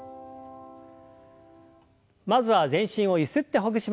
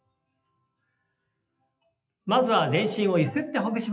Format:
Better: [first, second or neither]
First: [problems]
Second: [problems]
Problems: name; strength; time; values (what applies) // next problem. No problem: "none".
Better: first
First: none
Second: noise reduction (classical method WPE with log-MMSE)